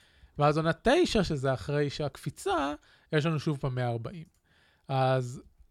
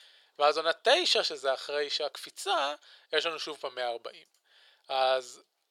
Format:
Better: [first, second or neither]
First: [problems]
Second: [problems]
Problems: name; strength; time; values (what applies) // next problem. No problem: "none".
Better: first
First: none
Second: thin; very; fading below 500 Hz